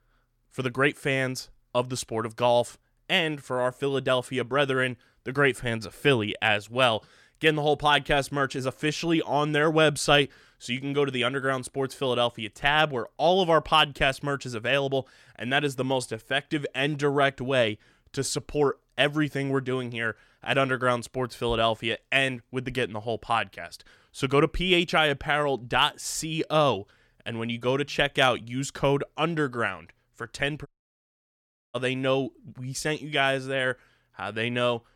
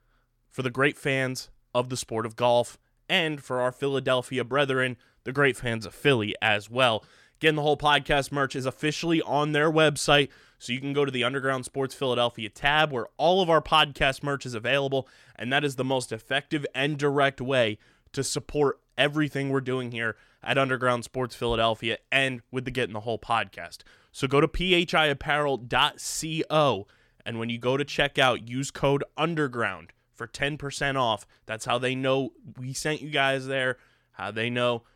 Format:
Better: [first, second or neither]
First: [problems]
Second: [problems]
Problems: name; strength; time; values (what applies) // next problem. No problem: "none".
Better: second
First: audio cutting out; at 31 s for 1 s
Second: none